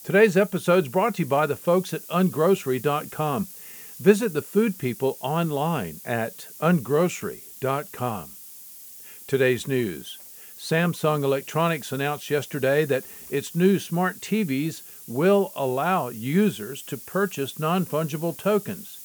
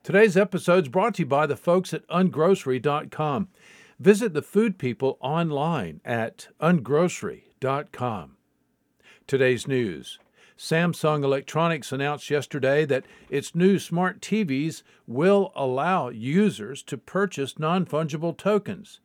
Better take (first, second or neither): second